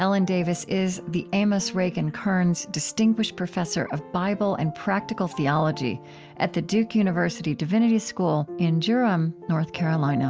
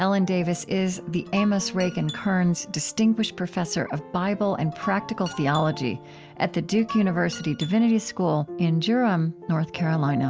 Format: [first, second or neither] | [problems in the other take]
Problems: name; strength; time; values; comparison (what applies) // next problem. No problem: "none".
first | background sound (Guitar); 17 dB below the speech